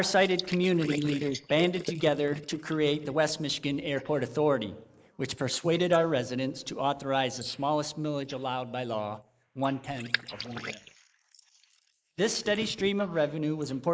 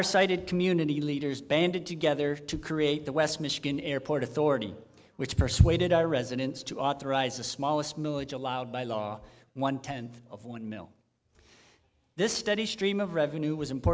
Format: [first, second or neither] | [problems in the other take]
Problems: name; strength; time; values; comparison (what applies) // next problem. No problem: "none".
second | noise reduction (neural mask model Resemble Enhance denoiser)